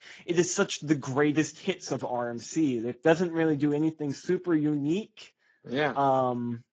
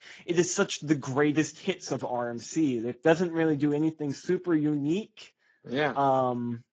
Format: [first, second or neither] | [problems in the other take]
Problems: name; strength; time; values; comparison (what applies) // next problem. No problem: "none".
neither | garbled, watery; badly; the same in both